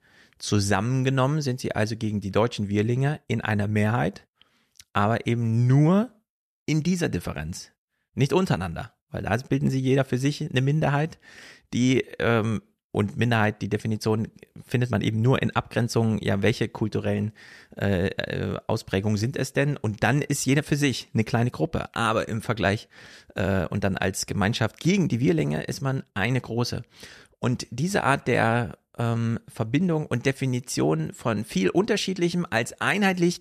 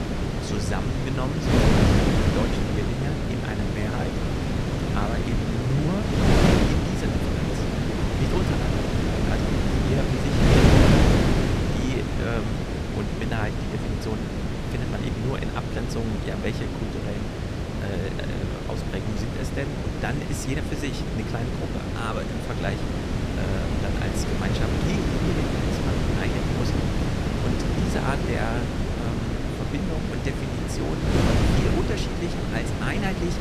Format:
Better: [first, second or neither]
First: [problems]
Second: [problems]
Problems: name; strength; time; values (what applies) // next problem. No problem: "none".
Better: first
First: none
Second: wind noise on the microphone; heavy; 5 dB above the speech